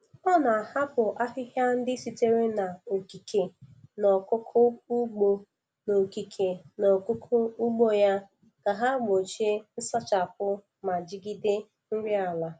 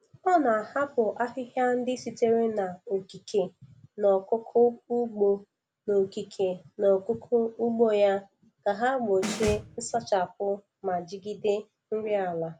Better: first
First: none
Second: background sound (Snare drum); 8 dB below the speech

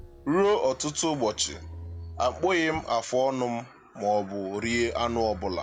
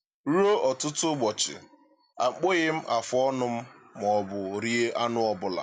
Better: second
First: background sound (Motor vehicle (road)); 17 dB below the speech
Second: none

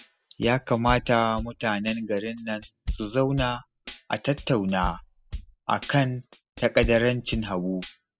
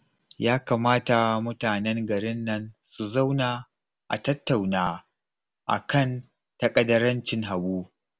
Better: second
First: noise reduction (classical method spectral subtraction)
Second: none

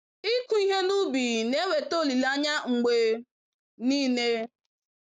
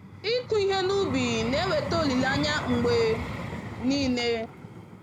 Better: first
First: none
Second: background sound (Vehicle); 7 dB below the speech

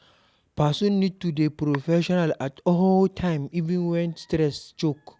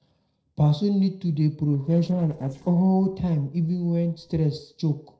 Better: first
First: none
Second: noise reduction (neural separator model SepFormer DNS4)

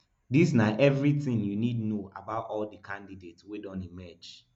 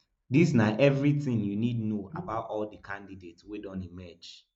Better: first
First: none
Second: noise reduction (neural mask model Resemble Enhance denoiser)

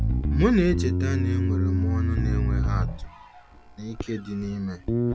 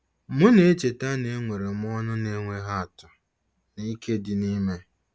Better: second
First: background sound (Bass guitar); 4 dB above the speech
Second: none

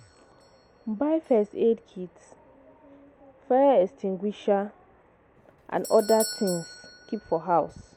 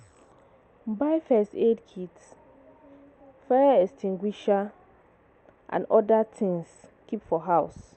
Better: second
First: background sound (Doorbell); 18 dB below the speech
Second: none

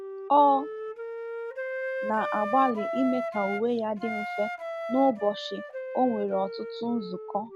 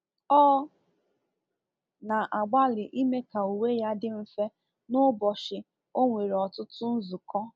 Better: second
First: background sound (Wind instrument, woodwind instrument); 7 dB below the speech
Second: none

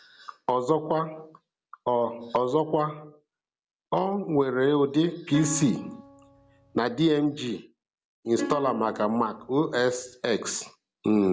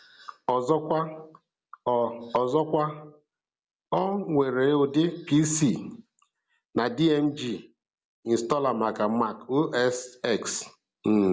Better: second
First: background sound (Plucked string instrument); 12 dB below the speech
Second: none

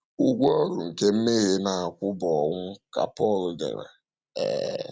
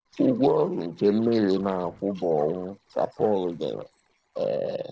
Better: first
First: none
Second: noise reduction (neural separator model SepFormer DNS4)

